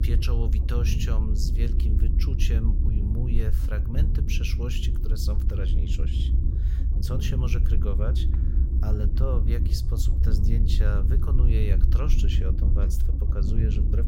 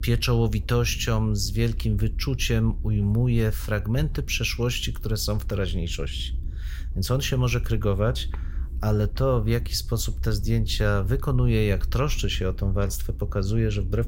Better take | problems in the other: second | low rumble; loud; throughout; 3 dB below the speech; faint in the second

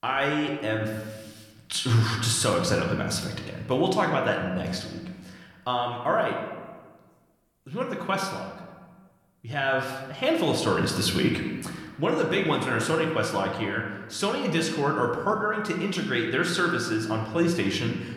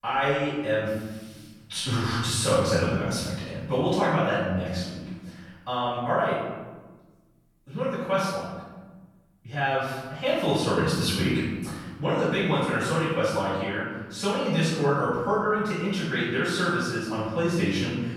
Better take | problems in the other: first | room echo; strong; dies away in 1.2 s; slight in the first // off-mic speech; far

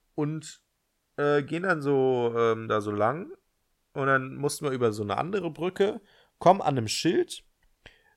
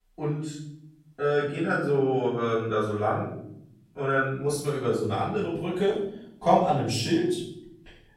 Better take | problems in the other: first | off-mic speech; far // room echo; noticeable; dies away in 0.7 s

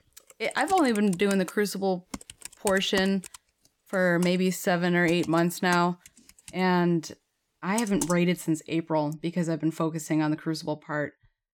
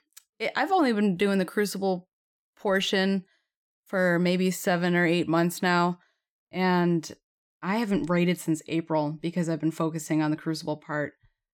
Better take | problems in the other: second | keyboard typing; noticeable; from 0.5 to 9 s; peak 7 dB below the speech

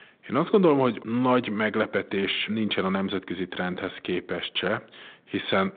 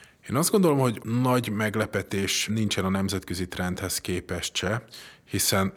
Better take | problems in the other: second | phone-call audio; nothing above 3.5 kHz

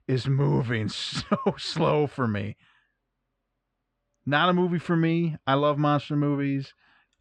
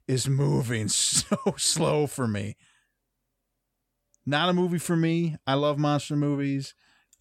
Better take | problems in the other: second | muffled; slightly; fading above 3.5 kHz

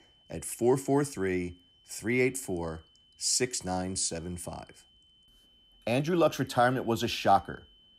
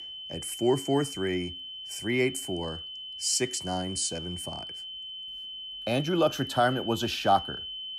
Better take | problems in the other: first | high-pitched whine; loud; throughout; 3 kHz, 8 dB below the speech; faint in the first

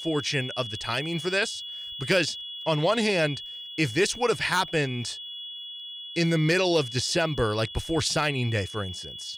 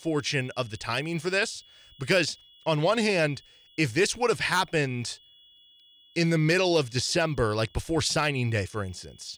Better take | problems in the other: second | high-pitched whine; loud; throughout; 3.5 kHz, 10 dB below the speech; faint in the second

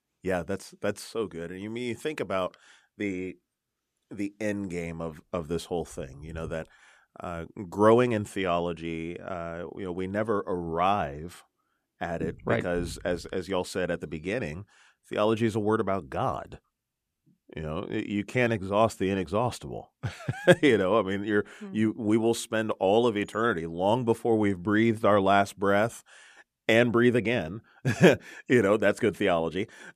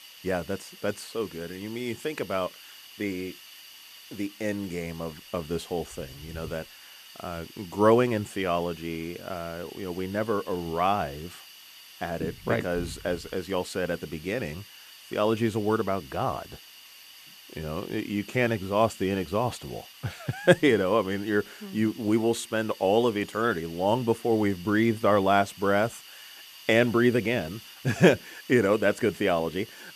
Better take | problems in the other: first | hiss; noticeable; throughout; 20 dB below the speech

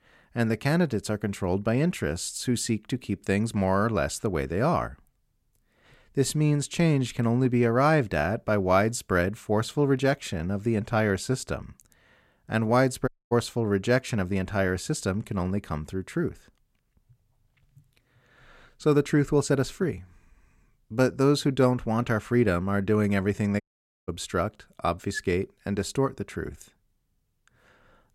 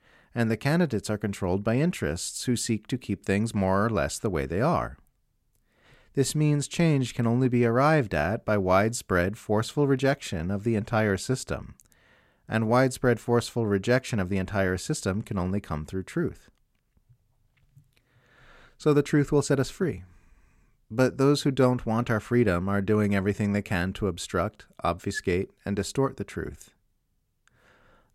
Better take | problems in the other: second | audio cutting out; at 13 s and at 24 s

